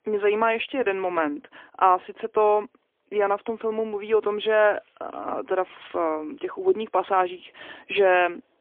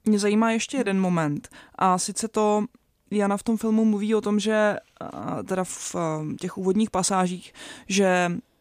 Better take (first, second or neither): second